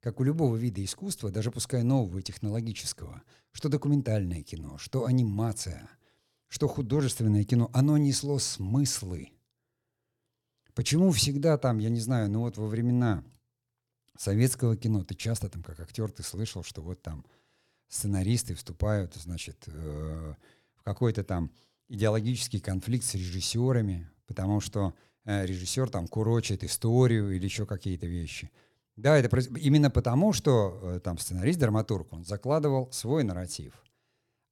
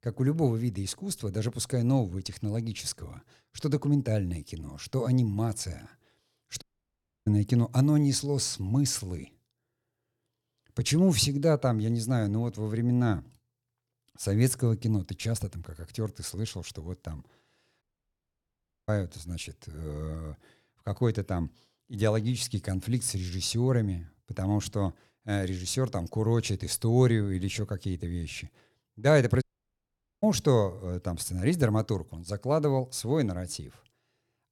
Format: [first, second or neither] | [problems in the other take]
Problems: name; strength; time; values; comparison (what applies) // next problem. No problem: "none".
first | audio cutting out; at 6.5 s for 0.5 s, at 18 s for 1 s and at 29 s for 1 s